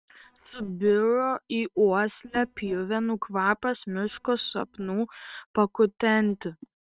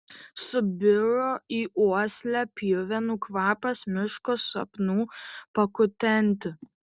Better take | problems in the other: second | noise reduction (neural separator model SepFormer WHAM!)

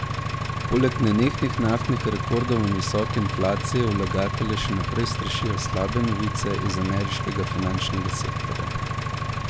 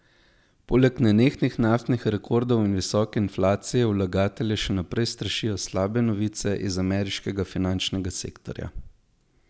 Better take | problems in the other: second | background sound (Engine); 1 dB below the speech

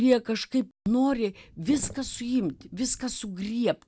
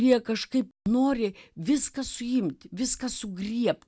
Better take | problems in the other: second | background sound (Sink (filling or washing)); 18 dB below the speech

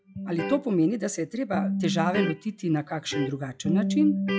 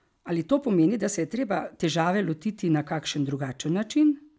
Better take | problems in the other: second | noise reduction (classical method log-MMSE)

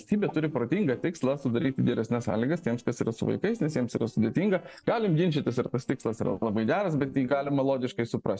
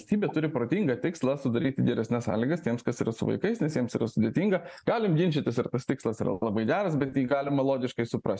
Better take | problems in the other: second | noise reduction (neural separator model SepFormer DNS4)

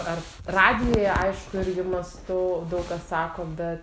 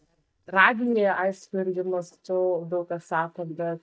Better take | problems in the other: first | noise reduction (neural mask model DeepFilterNet 3)

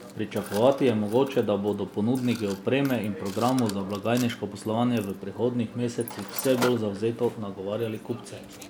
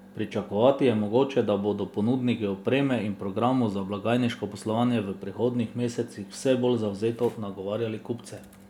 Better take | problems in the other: second | background sound (Mechanisms); 14 dB below the speech

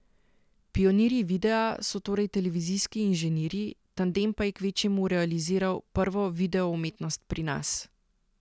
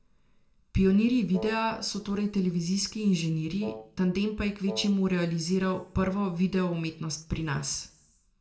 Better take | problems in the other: first | background sound (Wind instrument, woodwind instrument); 13 dB below the speech // room echo; dies away in 0.4 s

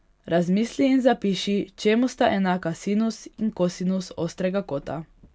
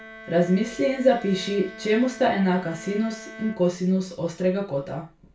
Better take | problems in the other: first | background sound (Bowed string instrument); 18 dB below the speech // room echo; dies away in 0.3 s

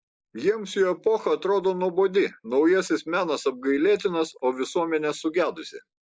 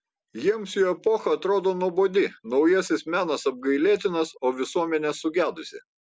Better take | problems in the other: second | noise reduction (neural mask model Resemble Enhance denoiser)

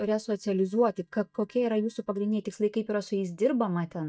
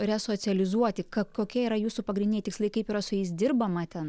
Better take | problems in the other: second | noise reduction (neural mask model DeepFilterNet 3)

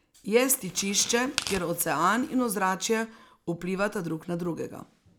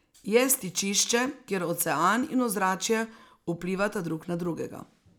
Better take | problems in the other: second | background sound (Tearing); 11 dB below the speech

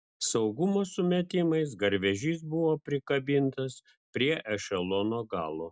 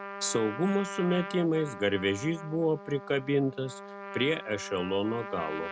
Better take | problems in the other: first | background sound (Trumpet); 11 dB below the speech

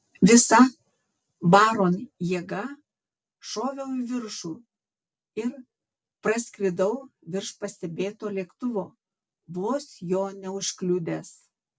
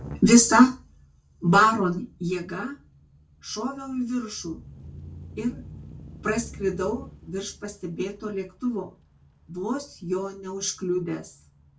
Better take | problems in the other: first | background sound (Engine starting / Accelerating, revving, vroom / Motor vehicle (road)); 19 dB below the speech // room echo; dies away in 0.2 s

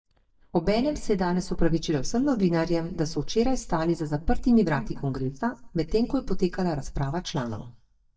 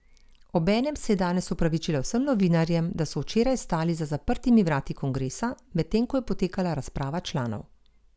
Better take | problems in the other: second | noise reduction (neural mask model DeepFilterNet 3)

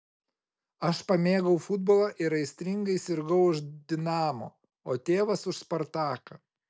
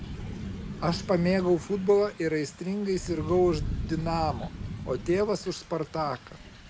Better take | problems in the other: first | background sound (Thunder / Rain); 9 dB below the speech

